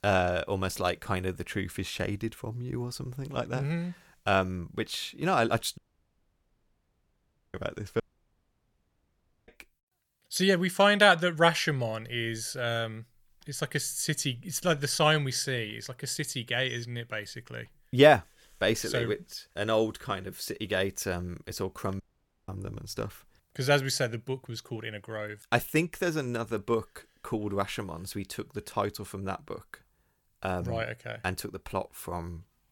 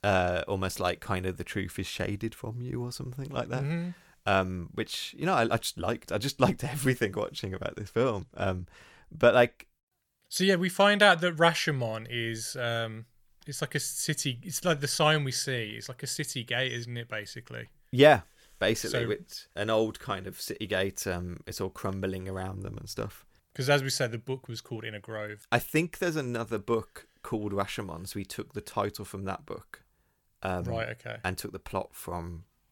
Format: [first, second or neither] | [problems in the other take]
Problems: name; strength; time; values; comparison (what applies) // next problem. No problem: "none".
second | audio cutting out; at 6 s for 2 s, at 8 s for 1.5 s and at 22 s